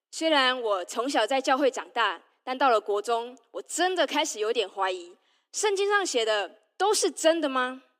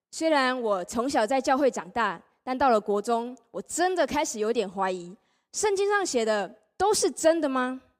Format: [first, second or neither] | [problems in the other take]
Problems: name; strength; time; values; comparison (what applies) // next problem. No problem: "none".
second | thin; very slightly; fading below 300 Hz